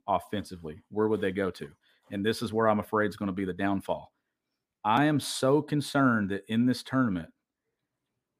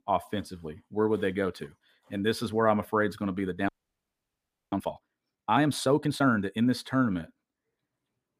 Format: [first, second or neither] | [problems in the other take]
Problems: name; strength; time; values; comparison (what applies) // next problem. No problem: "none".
first | audio freezing; at 3.5 s for 1 s